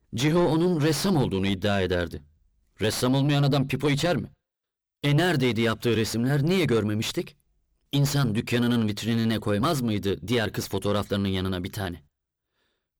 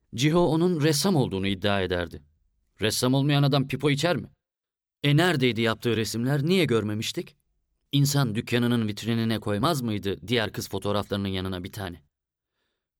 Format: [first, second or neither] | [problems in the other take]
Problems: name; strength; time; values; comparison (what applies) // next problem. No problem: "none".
second | distortion; slight; 9 dB below the speech